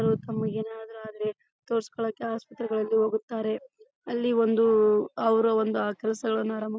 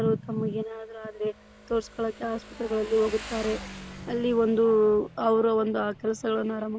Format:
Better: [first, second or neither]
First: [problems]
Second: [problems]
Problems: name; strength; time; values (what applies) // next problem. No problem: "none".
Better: first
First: none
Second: background sound (Motorcycle); 18 dB below the speech